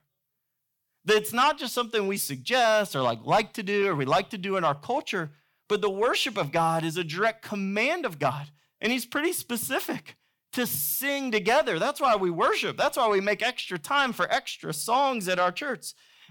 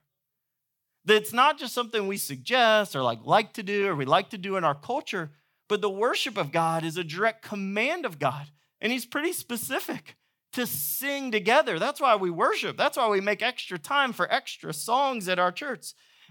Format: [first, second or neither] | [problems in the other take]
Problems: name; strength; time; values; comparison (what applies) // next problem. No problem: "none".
second | distortion; slight; 10 dB below the speech